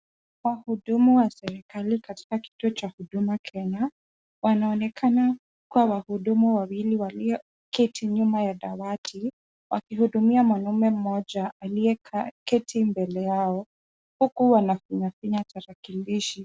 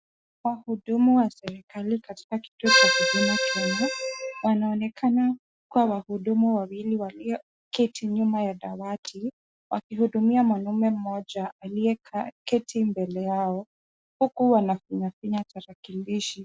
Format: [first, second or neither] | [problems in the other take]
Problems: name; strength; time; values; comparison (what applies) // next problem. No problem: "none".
first | noise reduction (classical method Wiener filter)